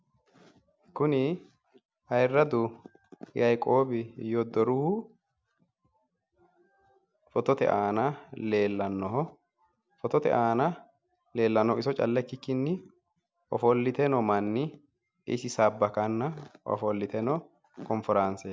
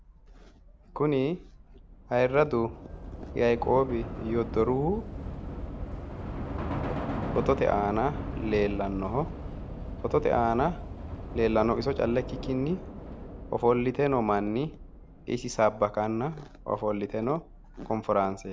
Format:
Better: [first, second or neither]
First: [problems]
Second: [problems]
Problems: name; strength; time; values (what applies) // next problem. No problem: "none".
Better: first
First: none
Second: background sound (Subway, metro, underground / Train); 9 dB below the speech